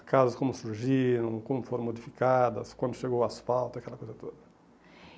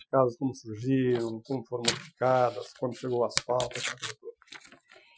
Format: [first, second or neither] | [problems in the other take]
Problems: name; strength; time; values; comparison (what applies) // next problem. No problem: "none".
first | noise reduction (classical method Wiener filter)